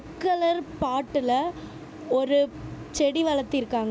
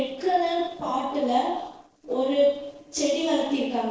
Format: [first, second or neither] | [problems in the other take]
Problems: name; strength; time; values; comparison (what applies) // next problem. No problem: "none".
first | noise reduction (neural separator model SepFormer DNS4)